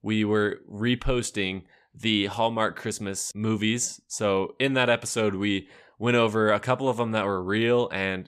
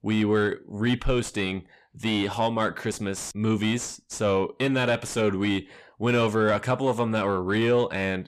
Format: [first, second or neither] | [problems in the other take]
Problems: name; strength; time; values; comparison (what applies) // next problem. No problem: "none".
first | distortion; slight; 10 dB below the speech